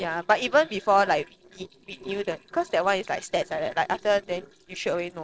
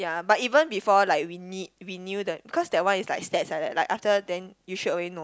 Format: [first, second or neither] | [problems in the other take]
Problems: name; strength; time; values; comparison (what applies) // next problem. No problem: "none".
second | noise reduction (neural separator model SepFormer DNS4)